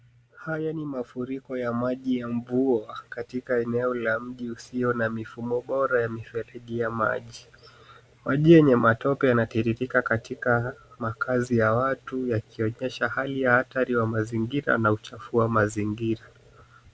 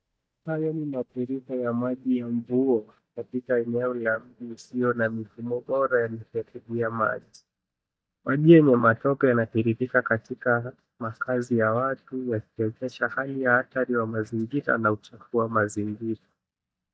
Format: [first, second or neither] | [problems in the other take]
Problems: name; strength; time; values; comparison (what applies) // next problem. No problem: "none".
first | noise reduction (neural mask model DeepFilterNet 3)